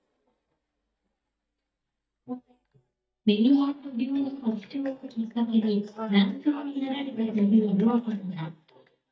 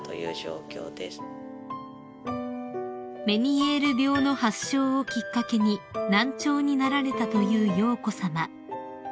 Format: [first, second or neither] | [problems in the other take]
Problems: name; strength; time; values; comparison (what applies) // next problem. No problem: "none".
second | noise reduction (neural mask model DeepFilterNet 3)